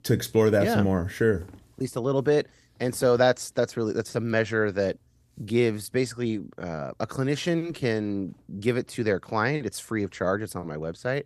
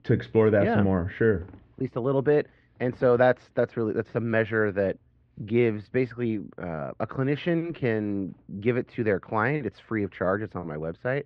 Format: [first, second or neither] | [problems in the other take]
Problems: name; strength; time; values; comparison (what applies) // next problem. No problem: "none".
first | muffled; very; fading above 3 kHz